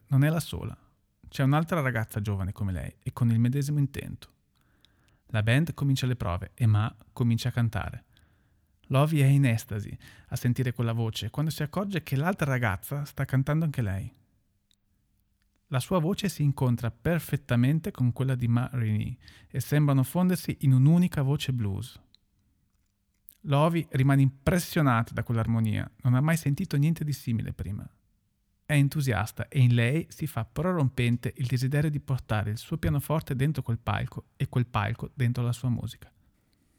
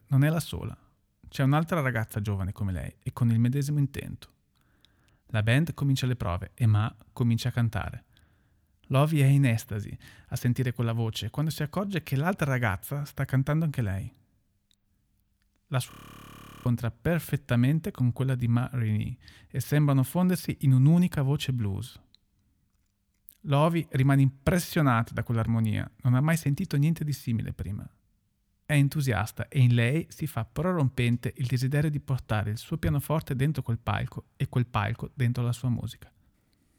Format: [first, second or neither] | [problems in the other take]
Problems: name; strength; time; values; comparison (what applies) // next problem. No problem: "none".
first | audio freezing; at 16 s for 0.5 s